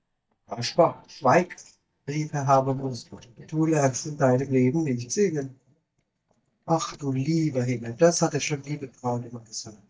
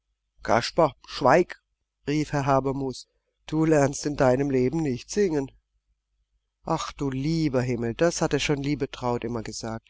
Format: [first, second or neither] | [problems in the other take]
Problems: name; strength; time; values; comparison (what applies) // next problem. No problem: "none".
second | noise reduction (neural mask model DeepFilterNet 3)